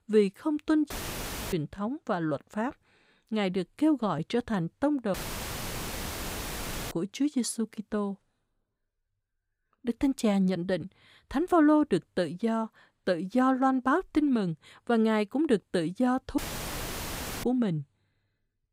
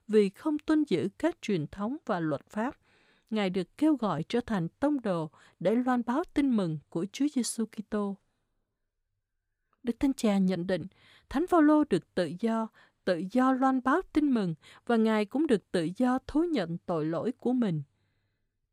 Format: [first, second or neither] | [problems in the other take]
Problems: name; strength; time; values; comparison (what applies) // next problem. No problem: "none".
second | audio cutting out; filled with static; at 1 s for 0.5 s, at 5 s for 2 s and at 16 s for 1 s